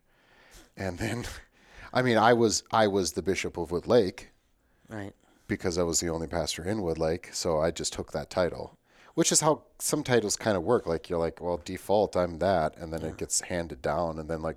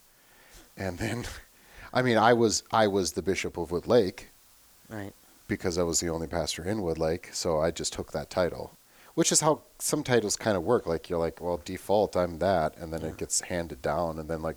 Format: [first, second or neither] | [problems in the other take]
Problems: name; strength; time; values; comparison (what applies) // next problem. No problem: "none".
first | hiss; faint; throughout; 30 dB below the speech